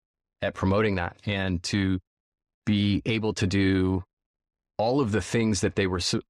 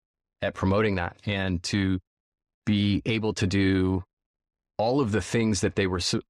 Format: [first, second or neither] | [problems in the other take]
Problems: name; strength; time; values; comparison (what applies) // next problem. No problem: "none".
neither | none